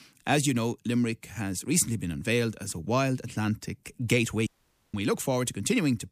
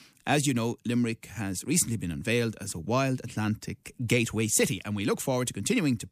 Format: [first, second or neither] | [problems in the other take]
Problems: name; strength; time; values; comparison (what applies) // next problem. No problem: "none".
second | audio cutting out; at 4.5 s